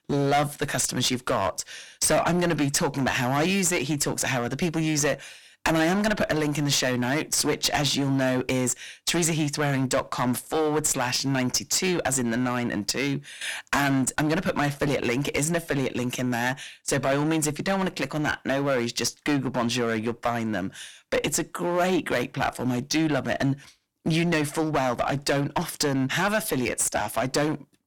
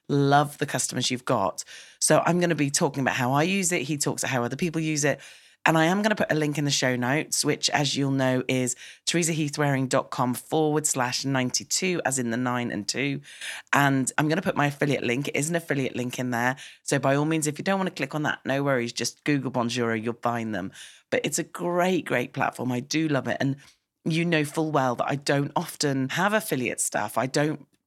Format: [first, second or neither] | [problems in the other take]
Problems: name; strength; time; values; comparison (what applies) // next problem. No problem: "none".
second | distortion; heavy; 10% of the sound clipped